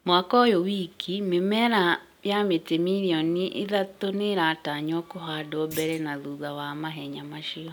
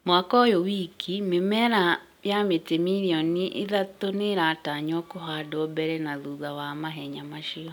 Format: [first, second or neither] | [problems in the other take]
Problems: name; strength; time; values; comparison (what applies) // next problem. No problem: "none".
second | background sound (Thump, thud); 19 dB below the speech